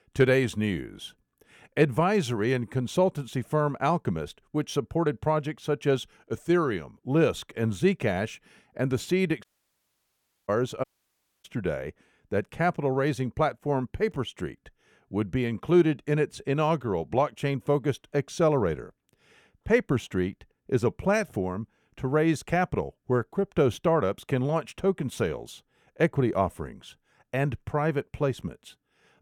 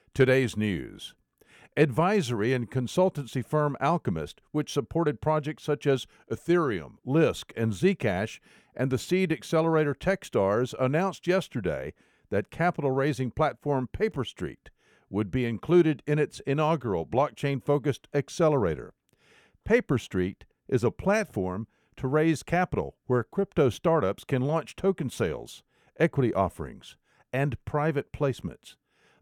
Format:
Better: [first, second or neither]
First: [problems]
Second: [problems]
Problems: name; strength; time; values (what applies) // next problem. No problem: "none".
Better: second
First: audio cutting out; at 9.5 s for 1 s and at 11 s for 0.5 s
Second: none